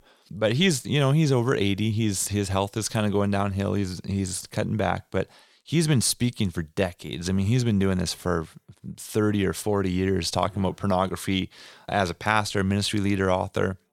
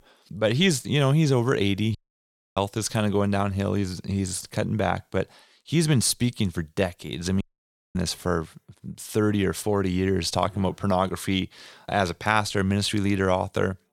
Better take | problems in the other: first | audio cutting out; at 2 s for 0.5 s and at 7.5 s for 0.5 s

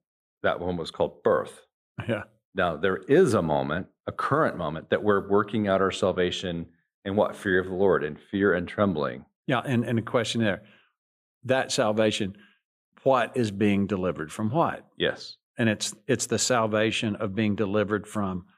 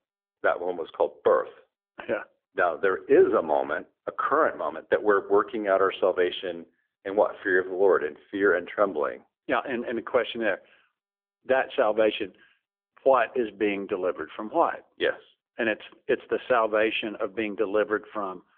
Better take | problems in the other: first | phone-call audio; nothing above 3.5 kHz

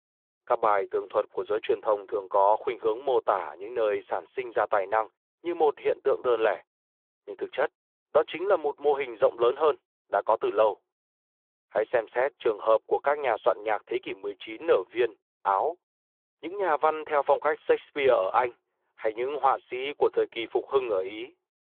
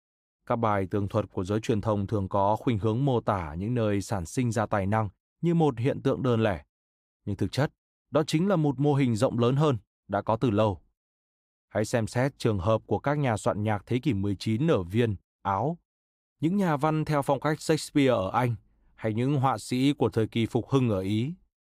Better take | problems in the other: second | phone-call audio

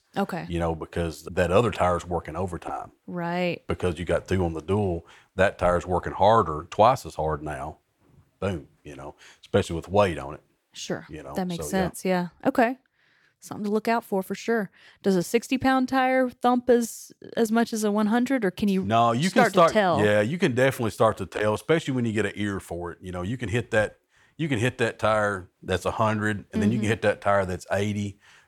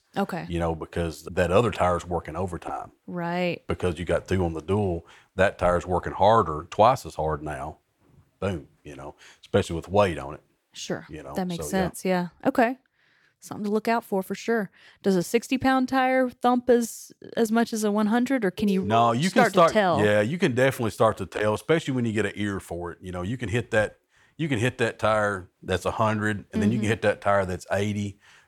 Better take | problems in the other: first | alarm; noticeable; at 19 s; peak 8 dB below the speech

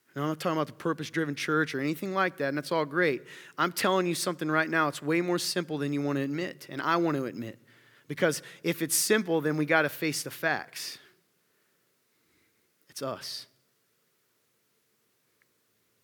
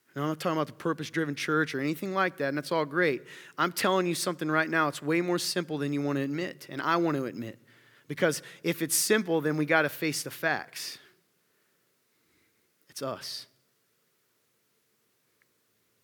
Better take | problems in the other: neither | none

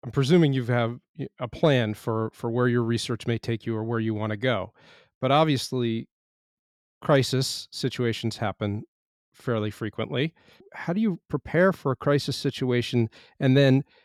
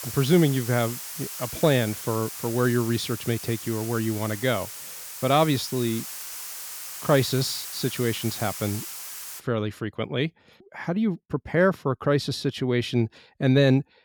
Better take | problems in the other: first | hiss; loud; until 9.5 s; 9 dB below the speech

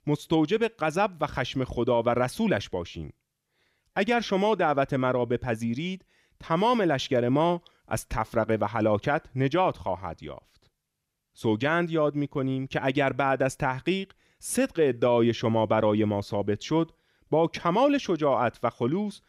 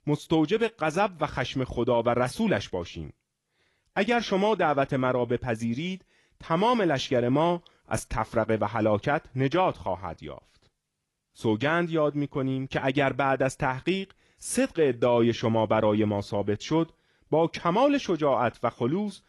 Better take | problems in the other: first | garbled, watery; slightly; nothing above 11.5 kHz

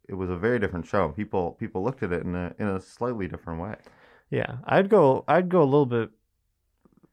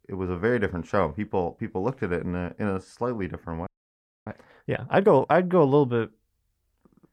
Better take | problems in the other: first | audio freezing; at 3.5 s for 0.5 s

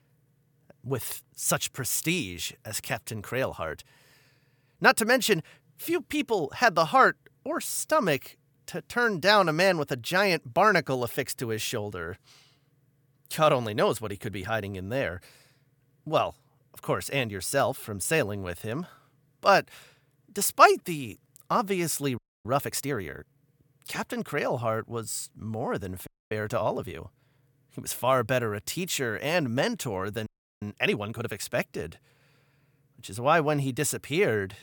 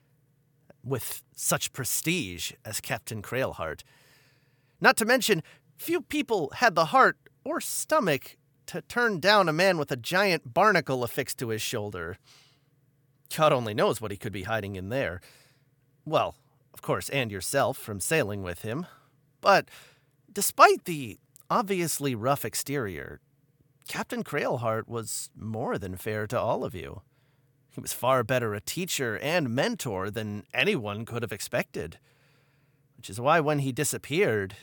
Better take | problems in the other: second | audio freezing; at 22 s, at 26 s and at 30 s

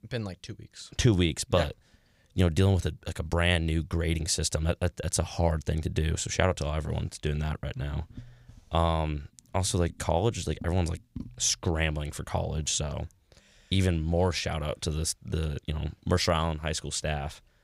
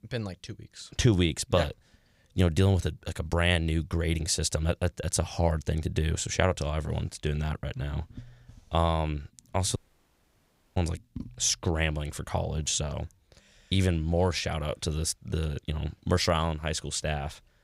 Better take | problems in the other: first | audio cutting out; at 10 s for 1 s

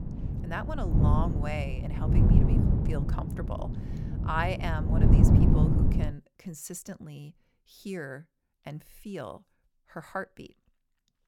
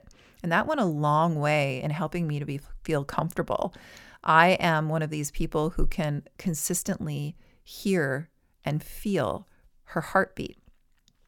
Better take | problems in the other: second | wind noise on the microphone; heavy; until 6 s; as loud as the speech

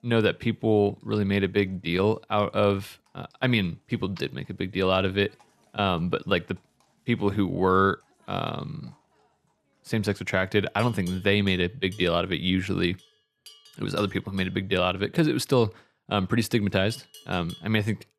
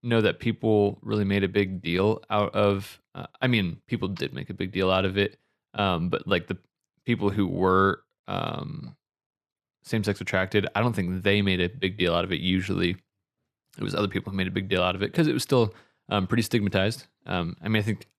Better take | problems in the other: second | animal sounds; faint; throughout; 25 dB below the speech

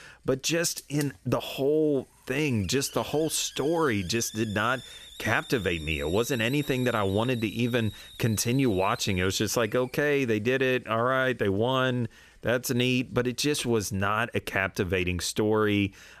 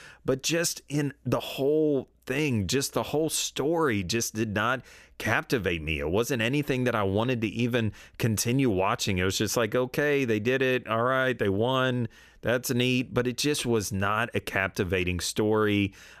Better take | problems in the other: second | hiss; noticeable; throughout; 15 dB below the speech

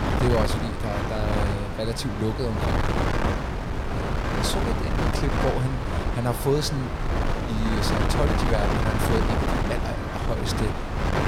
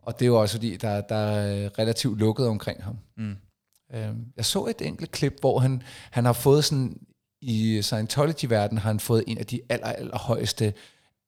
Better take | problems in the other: second | wind noise on the microphone; heavy; 2 dB above the speech

